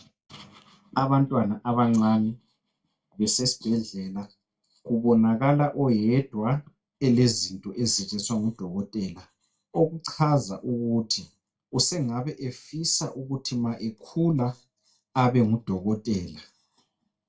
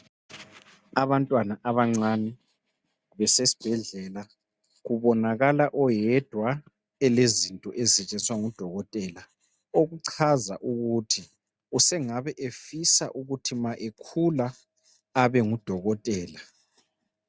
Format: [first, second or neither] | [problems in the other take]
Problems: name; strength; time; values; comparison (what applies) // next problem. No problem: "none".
second | room echo; dies away in 0.2 s